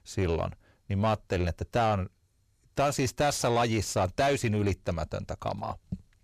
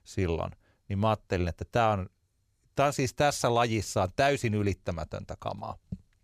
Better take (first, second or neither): second